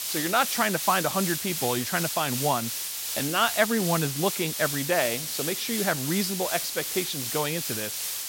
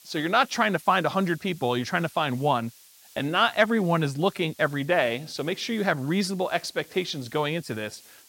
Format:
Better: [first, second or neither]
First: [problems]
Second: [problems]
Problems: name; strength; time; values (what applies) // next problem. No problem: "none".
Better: second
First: hiss; loud; throughout; 2 dB below the speech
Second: hiss; faint; throughout; 25 dB below the speech